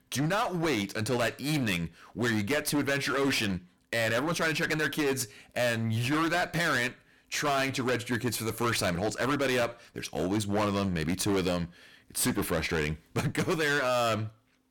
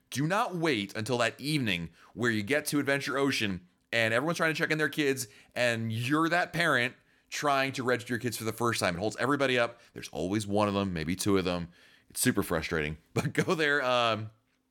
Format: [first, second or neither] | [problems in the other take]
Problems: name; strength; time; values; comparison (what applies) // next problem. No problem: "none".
second | distortion; heavy; 19% of the sound clipped